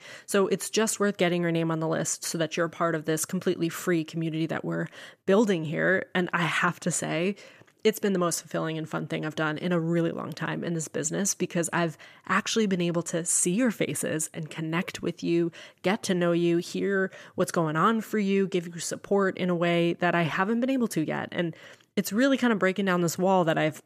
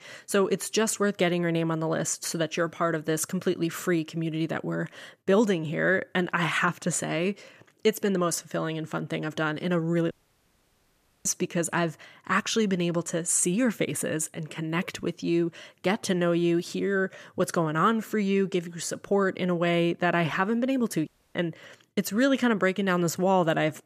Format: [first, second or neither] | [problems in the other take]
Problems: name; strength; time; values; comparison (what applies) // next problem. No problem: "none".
first | audio cutting out; at 10 s for 1 s and at 21 s